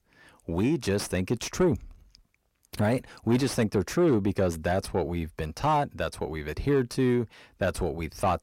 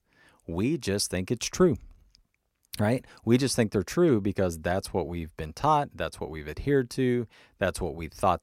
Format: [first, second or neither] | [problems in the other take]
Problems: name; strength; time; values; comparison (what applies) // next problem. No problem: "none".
second | distortion; slight; 10 dB below the speech